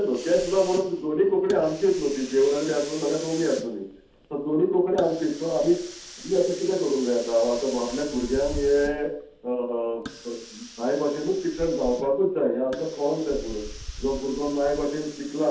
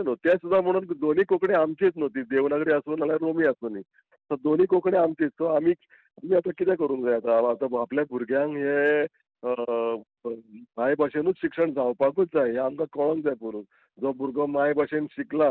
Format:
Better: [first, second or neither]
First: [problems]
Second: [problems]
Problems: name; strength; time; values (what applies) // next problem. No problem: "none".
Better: second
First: background sound (Hiss); 15 dB below the speech // room echo; dies away in 0.5 s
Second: none